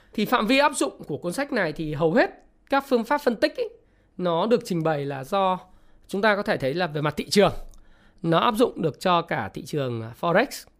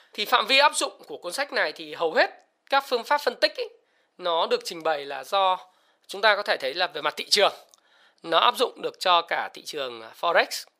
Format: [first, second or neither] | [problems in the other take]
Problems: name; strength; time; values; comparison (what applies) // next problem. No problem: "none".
first | thin; very; fading below 700 Hz